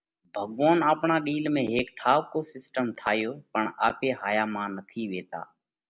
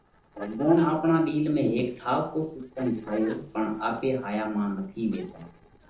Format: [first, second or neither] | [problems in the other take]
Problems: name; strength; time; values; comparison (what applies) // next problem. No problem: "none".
first | noise reduction (neural separator model SepFormer DNS4)